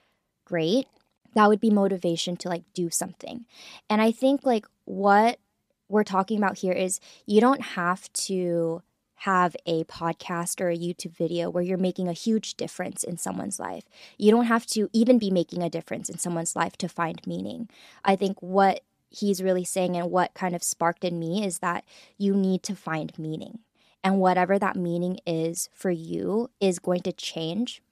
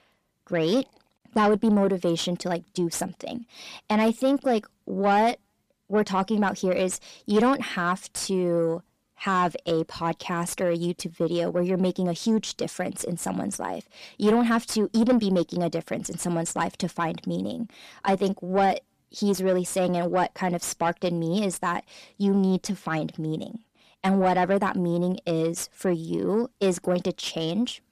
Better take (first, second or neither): first